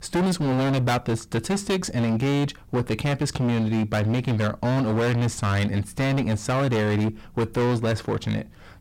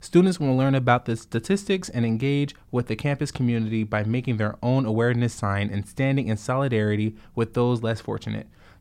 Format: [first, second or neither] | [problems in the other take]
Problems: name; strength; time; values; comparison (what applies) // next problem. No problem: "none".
second | distortion; heavy; 27% of the sound clipped